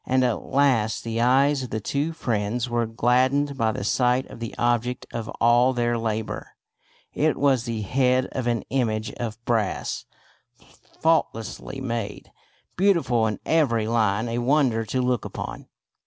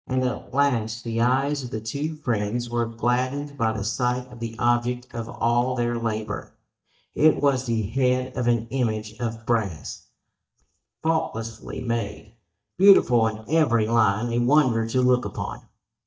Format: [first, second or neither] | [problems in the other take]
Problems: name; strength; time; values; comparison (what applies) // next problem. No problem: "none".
first | noise reduction (neural mask model DeepFilterNet 3)